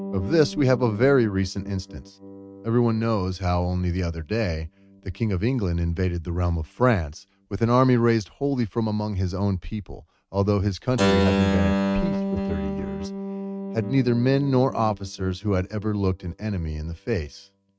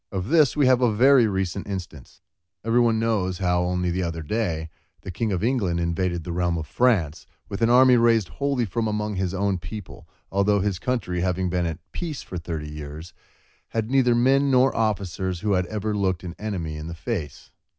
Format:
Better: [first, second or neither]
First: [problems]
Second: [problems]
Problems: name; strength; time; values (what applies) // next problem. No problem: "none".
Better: second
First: noise reduction (neural mask model RNNoise)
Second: none